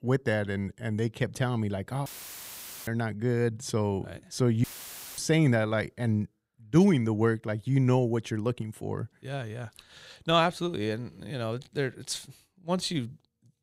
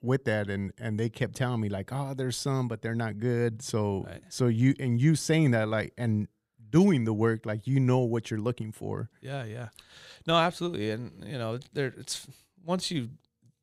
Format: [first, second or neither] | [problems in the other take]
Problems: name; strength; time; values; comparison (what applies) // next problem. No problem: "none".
second | audio cutting out; filled with static; at 2 s for 1 s and at 4.5 s for 0.5 s